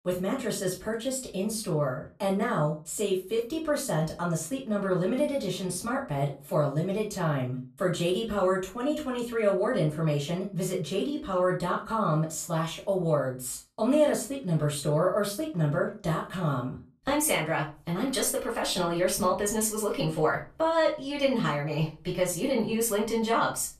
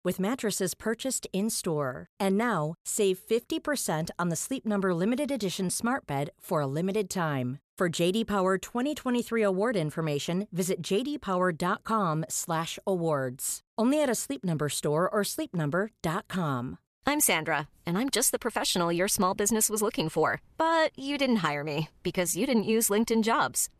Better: second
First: off-mic speech; far // room echo; slight; dies away in 0.3 s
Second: none

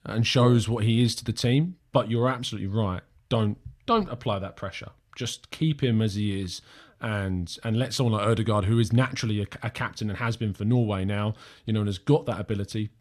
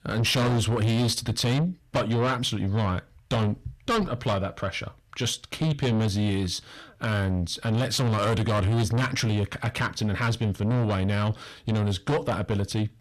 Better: first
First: none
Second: distortion; heavy; 6 dB below the speech

